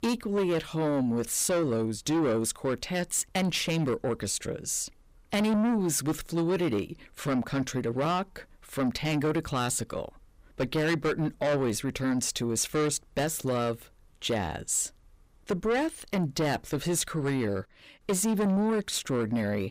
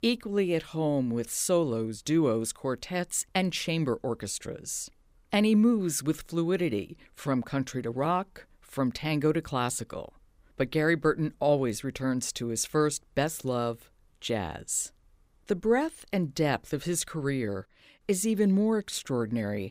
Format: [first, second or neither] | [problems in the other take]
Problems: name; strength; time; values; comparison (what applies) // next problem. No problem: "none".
second | distortion; heavy; 8 dB below the speech